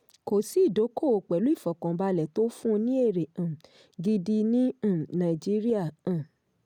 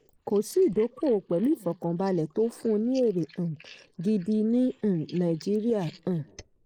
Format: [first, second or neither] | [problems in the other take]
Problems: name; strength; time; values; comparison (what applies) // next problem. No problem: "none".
first | noise reduction (neural mask model Resemble Enhance denoiser)